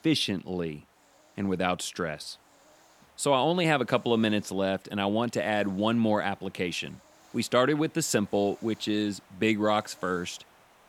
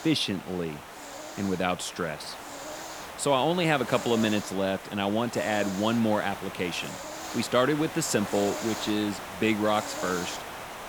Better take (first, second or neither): first